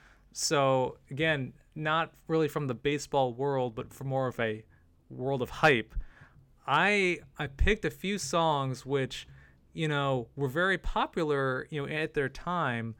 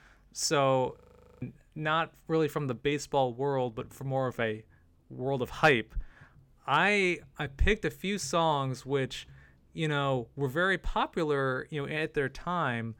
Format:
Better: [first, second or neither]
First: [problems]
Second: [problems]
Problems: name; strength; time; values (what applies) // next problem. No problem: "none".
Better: first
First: none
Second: audio freezing; at 1 s